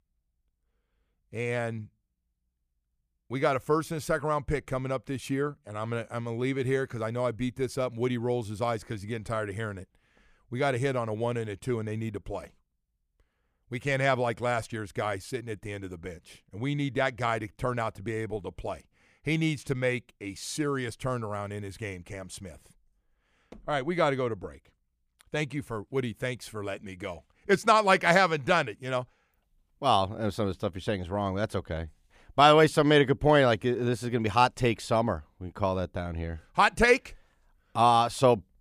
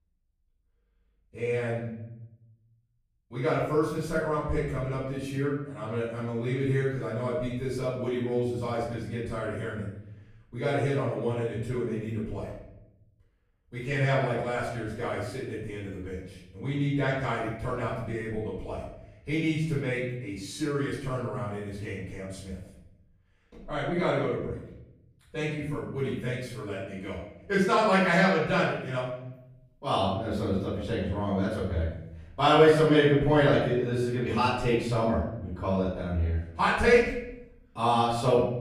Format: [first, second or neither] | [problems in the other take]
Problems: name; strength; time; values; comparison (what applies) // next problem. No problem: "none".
first | off-mic speech; far // room echo; noticeable; dies away in 0.9 s